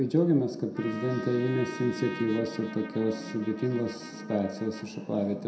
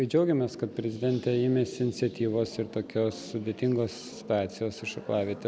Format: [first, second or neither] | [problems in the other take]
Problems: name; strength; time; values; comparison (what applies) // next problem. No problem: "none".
second | background sound (Trumpet); 15 dB below the speech // room echo; dies away in 0.6 s